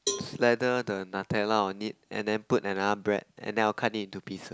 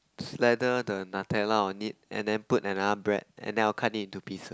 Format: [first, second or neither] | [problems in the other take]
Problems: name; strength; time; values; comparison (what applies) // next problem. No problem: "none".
second | background sound (Cowbell); 12 dB below the speech